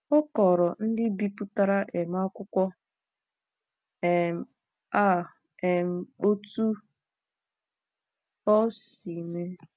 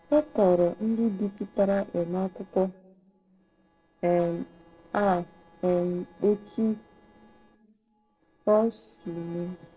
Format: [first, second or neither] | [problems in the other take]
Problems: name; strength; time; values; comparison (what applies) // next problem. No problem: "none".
first | noise reduction (neural separator model SepFormer DNS4)